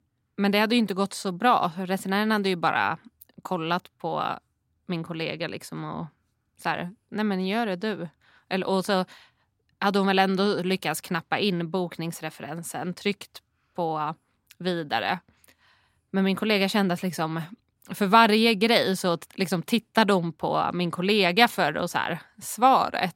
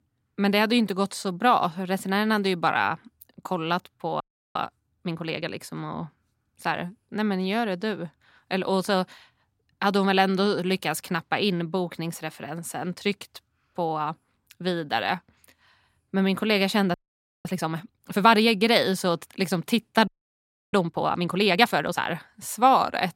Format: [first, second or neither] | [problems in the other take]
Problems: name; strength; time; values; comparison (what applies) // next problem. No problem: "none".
first | audio freezing; at 4 s, at 17 s for 0.5 s and at 20 s for 0.5 s